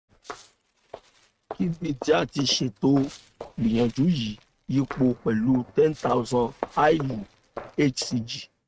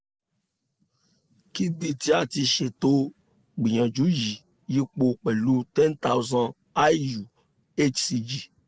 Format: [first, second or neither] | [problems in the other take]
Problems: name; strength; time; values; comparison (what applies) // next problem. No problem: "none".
second | noise reduction (neural mask model RNNoise)